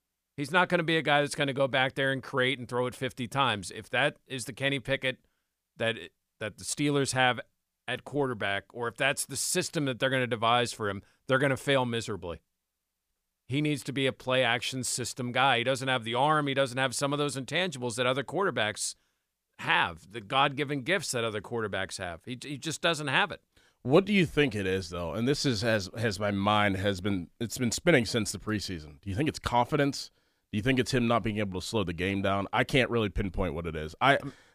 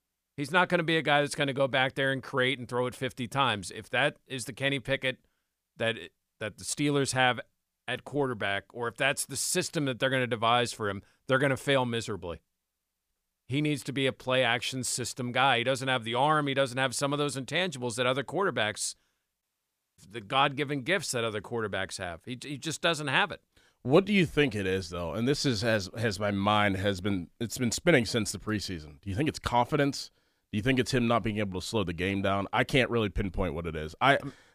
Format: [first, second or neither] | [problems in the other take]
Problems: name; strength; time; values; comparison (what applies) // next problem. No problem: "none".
first | audio cutting out; at 19 s for 0.5 s